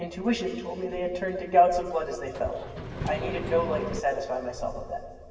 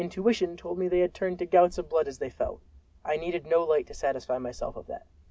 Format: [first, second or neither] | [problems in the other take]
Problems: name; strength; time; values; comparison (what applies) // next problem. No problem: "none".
second | background sound (Engine); 7 dB below the speech // room echo; dies away in 2.6 s